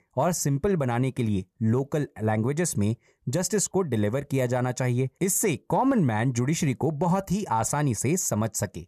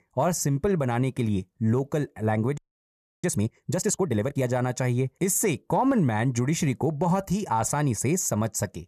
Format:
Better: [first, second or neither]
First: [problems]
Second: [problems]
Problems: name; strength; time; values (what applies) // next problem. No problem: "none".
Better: first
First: none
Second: audio freezing; at 2.5 s for 0.5 s